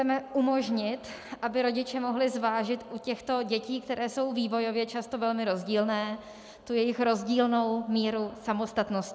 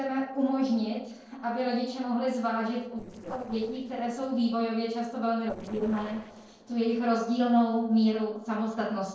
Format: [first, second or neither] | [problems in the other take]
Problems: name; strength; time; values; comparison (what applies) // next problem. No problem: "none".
first | noise reduction (neural separator model SepFormer DNS4)